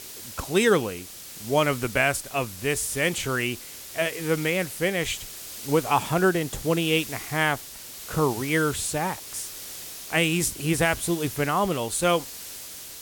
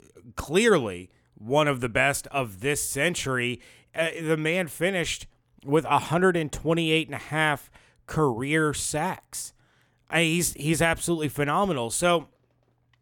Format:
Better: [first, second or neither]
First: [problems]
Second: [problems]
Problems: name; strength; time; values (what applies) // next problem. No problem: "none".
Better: second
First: hiss; noticeable; throughout; 10 dB below the speech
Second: none